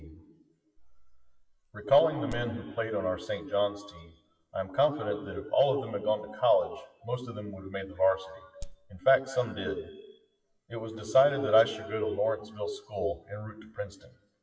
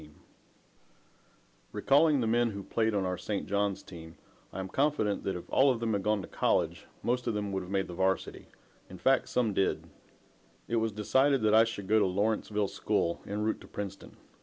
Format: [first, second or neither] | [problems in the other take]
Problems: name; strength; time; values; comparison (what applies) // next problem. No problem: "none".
second | noise reduction (classical method WPE with log-MMSE)